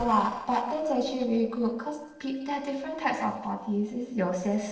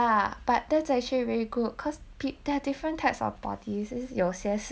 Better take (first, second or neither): second